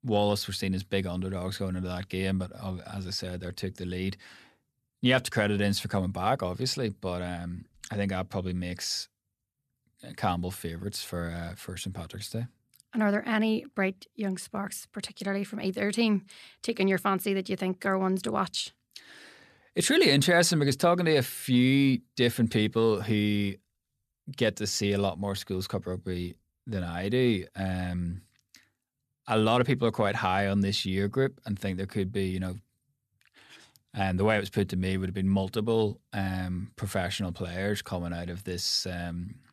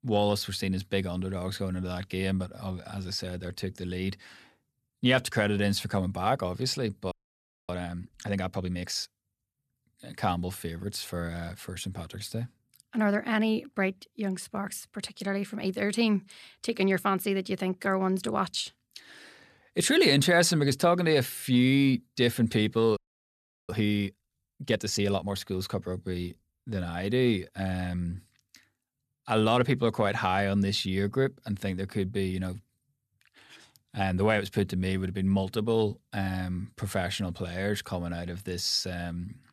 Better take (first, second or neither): first